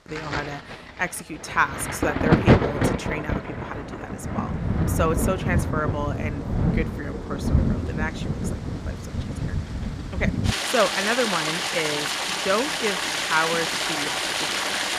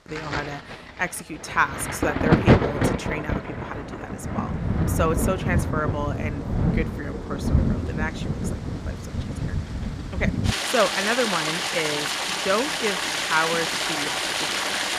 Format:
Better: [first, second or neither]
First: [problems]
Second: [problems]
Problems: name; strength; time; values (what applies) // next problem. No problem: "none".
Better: neither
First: rain or running water; very loud; throughout; 3 dB above the speech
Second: rain or running water; very loud; throughout; 3 dB above the speech